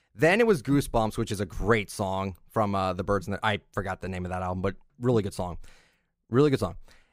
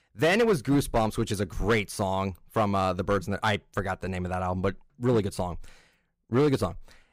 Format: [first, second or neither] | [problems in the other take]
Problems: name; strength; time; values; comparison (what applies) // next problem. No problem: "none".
first | distortion; slight; 4% of the sound clipped